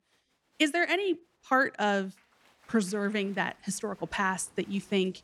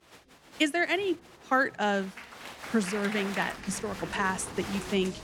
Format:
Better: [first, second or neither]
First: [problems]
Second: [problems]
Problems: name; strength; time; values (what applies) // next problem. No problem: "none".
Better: first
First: crowd noise; faint; throughout; 30 dB below the speech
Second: crowd noise; loud; throughout; 10 dB below the speech